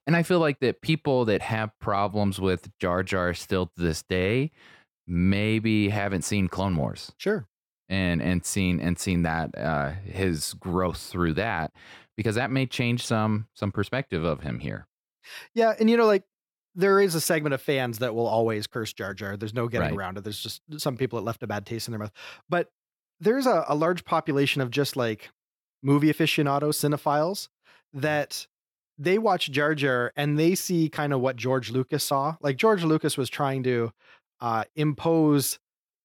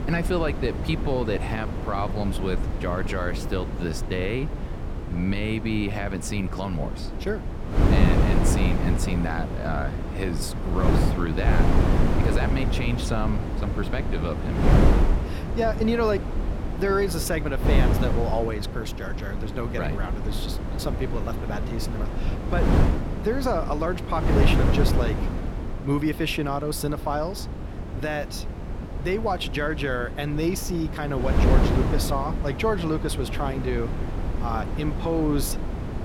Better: first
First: none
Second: wind noise on the microphone; heavy; 4 dB below the speech

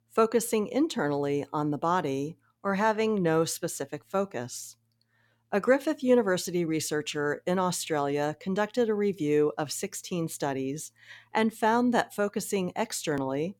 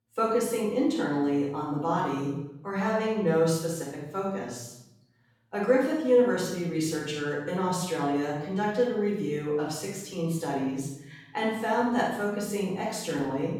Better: first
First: none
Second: off-mic speech; far // room echo; noticeable; dies away in 0.8 s

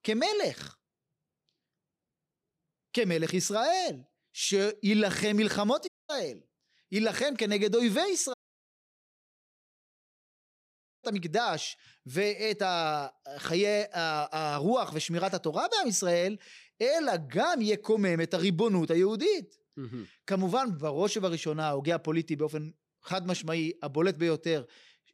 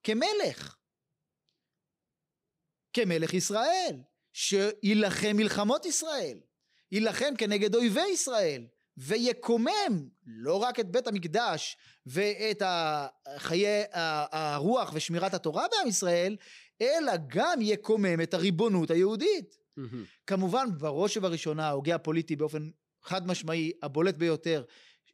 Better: second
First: audio cutting out; at 6 s and at 8.5 s for 2.5 s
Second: none

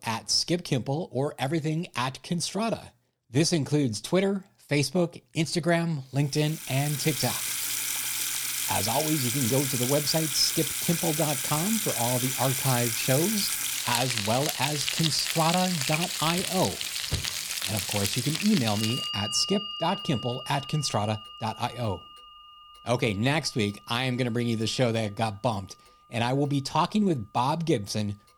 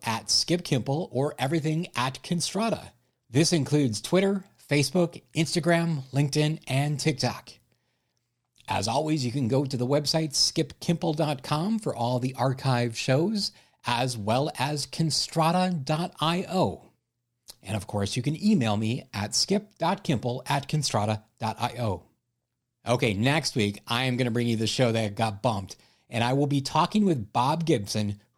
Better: second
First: household noises; loud; from 7 s on; 1 dB below the speech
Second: none

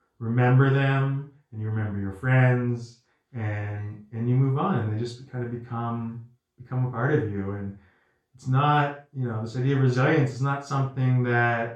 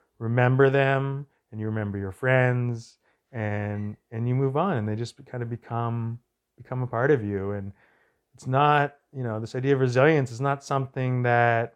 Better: second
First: room echo; noticeable; dies away in 0.3 s // off-mic speech; far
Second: none

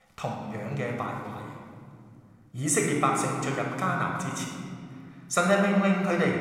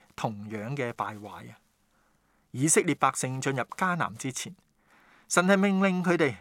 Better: second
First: room echo; noticeable; dies away in 2 s // off-mic speech; somewhat distant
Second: none

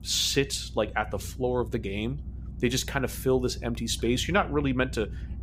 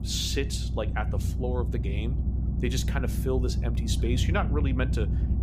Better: first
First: low rumble; faint; throughout; 25 dB below the speech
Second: low rumble; loud; throughout; 9 dB below the speech

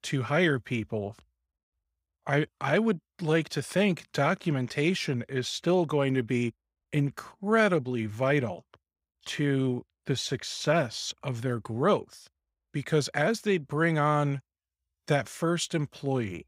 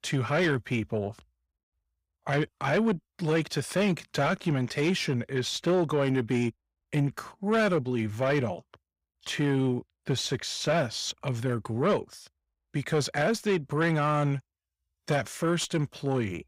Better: first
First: none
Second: distortion; slight; 10 dB below the speech

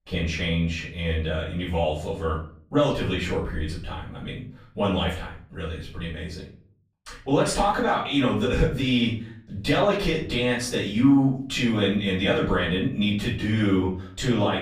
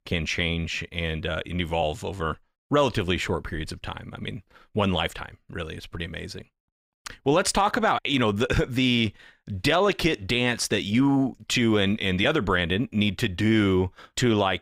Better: second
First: off-mic speech; far // room echo; noticeable; dies away in 0.4 s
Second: none

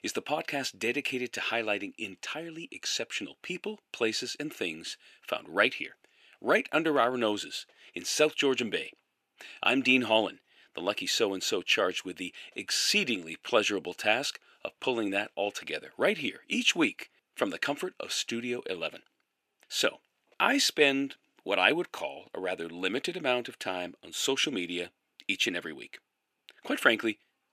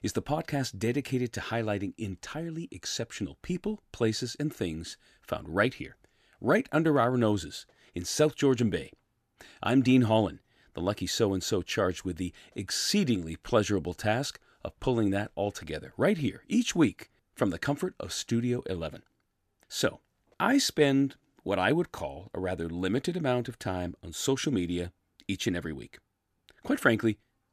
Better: second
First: thin; somewhat; fading below 350 Hz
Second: none

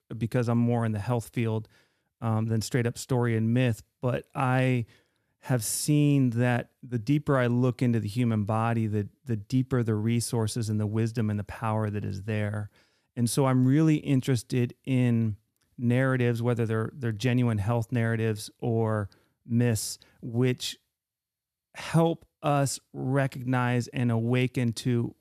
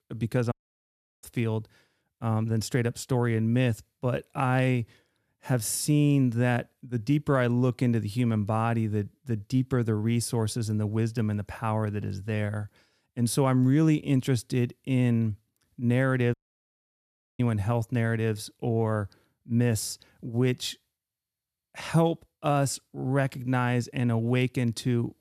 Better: first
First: none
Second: audio cutting out; at 0.5 s for 0.5 s and at 16 s for 1 s

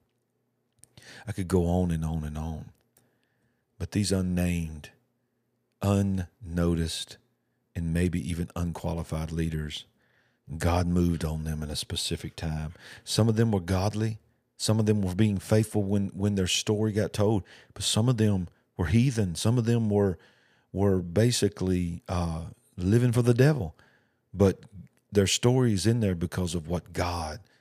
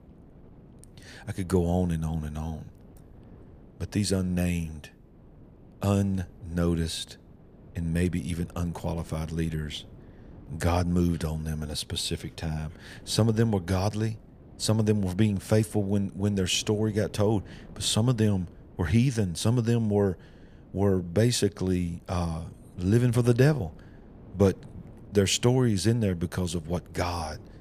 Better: first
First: none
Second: wind noise on the microphone; occasional gusts; 25 dB below the speech

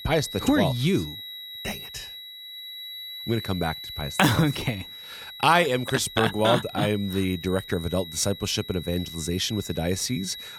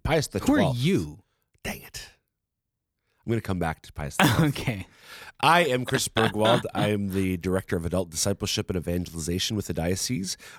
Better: second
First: high-pitched whine; noticeable; throughout; 4 kHz, 10 dB below the speech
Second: none

